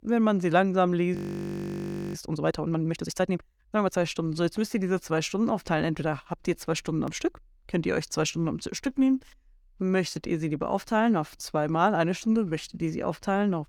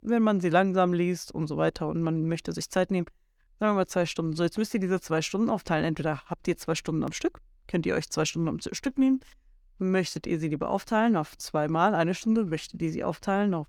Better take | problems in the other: second | audio freezing; at 1 s for 1 s

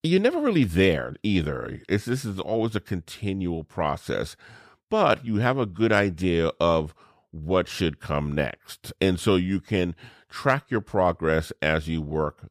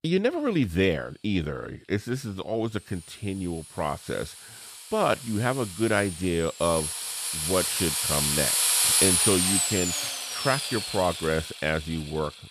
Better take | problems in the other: first | machinery noise; very loud; throughout; 4 dB above the speech

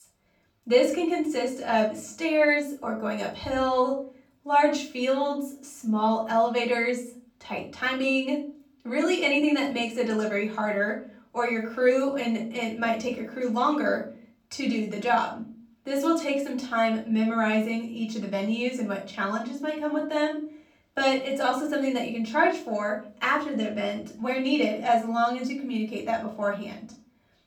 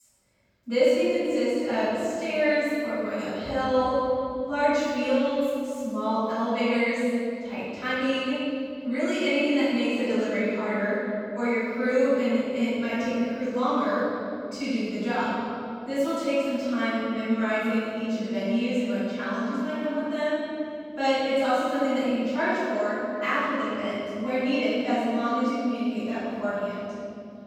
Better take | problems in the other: first | room echo; strong; dies away in 3 s; slight in the first // off-mic speech; far; far in the first

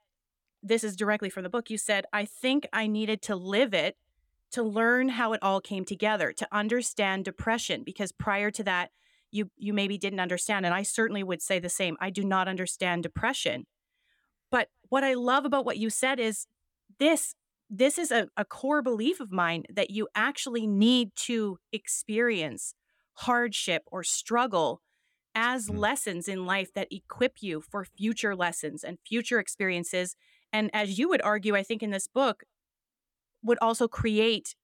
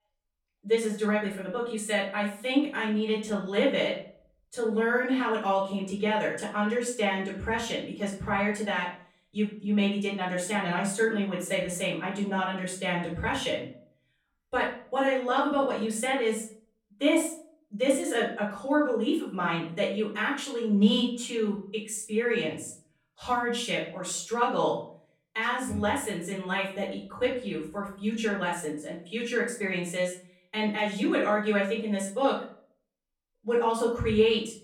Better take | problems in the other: first | off-mic speech; far // room echo; noticeable; dies away in 0.4 s

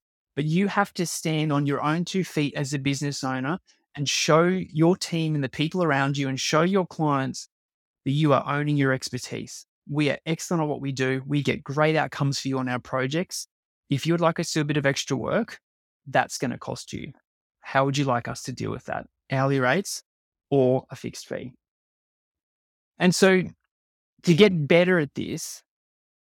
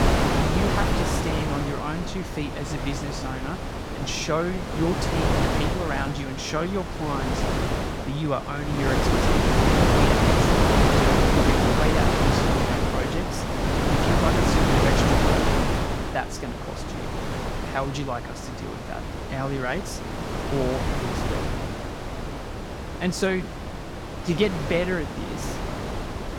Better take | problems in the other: first | wind noise on the microphone; heavy; 4 dB above the speech

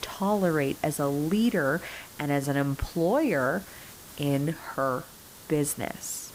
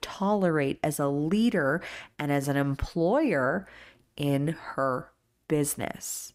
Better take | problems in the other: second | hiss; noticeable; throughout; 15 dB below the speech

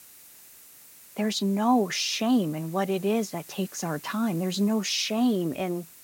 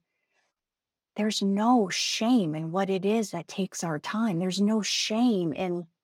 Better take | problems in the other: second | hiss; noticeable; throughout; 20 dB below the speech

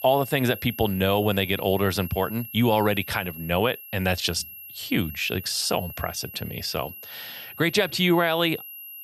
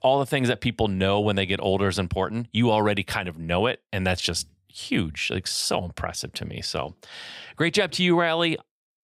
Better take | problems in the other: second | high-pitched whine; noticeable; throughout; 11.5 kHz, 15 dB below the speech

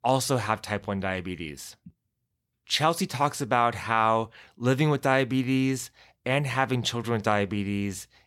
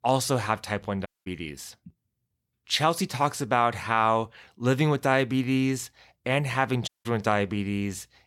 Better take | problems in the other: first | audio cutting out; at 1 s and at 7 s

